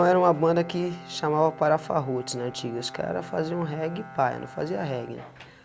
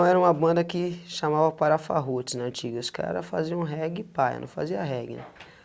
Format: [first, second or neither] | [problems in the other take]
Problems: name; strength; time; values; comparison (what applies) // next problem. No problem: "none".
second | background sound (Bowed string instrument); 18 dB below the speech